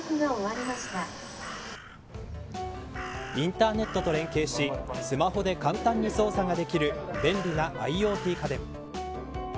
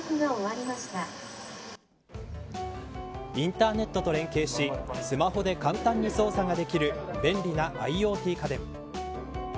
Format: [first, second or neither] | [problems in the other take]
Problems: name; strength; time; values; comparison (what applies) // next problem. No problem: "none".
second | background sound (Crow); 14 dB below the speech